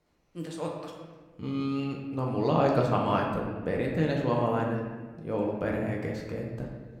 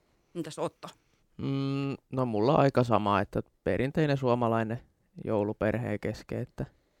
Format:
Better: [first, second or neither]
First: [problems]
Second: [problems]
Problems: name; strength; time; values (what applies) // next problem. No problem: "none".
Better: second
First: room echo; noticeable; dies away in 1.2 s // off-mic speech; somewhat distant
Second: none